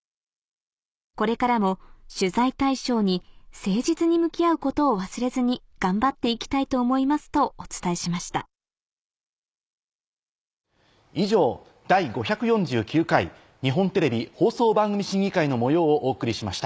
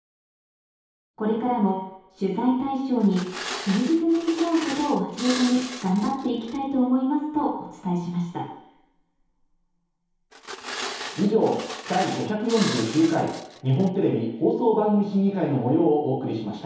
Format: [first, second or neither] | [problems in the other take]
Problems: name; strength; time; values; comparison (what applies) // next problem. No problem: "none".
first | background sound (Glass); 11 dB below the speech // room echo; dies away in 2.2 s